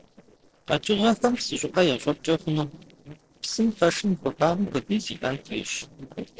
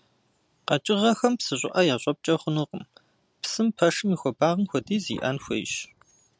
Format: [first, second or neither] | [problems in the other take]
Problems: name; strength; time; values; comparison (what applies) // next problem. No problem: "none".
second | noise reduction (neural separator model SepFormer DNS4)